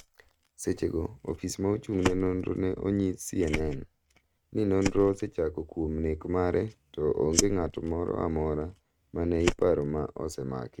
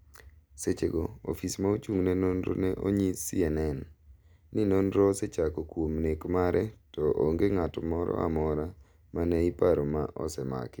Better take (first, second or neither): second